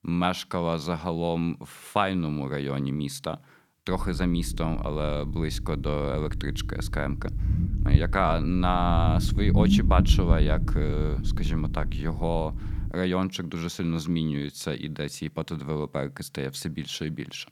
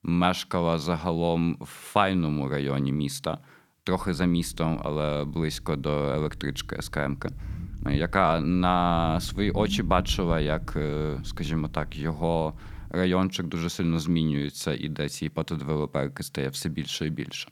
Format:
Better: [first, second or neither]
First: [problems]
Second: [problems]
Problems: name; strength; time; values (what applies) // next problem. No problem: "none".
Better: second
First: low rumble; loud; from 4 to 13 s; 9 dB below the speech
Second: low rumble; faint; from 4 to 13 s; 20 dB below the speech